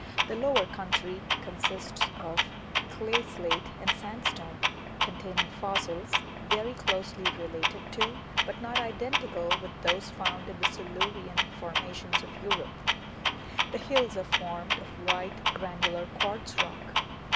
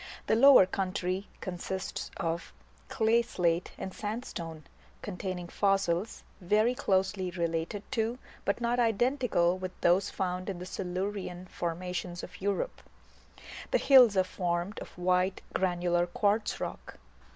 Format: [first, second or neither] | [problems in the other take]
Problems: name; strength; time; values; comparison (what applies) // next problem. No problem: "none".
second | background sound (Clock); 4 dB above the speech